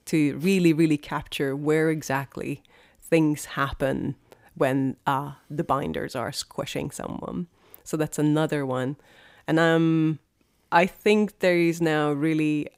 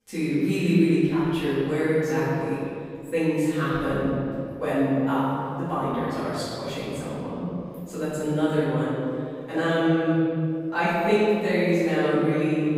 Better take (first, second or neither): first